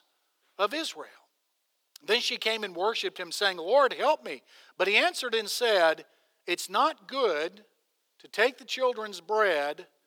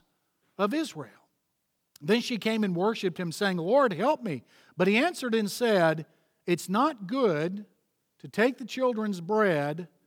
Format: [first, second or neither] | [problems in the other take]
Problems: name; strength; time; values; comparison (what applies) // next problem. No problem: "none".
second | thin; very; fading below 450 Hz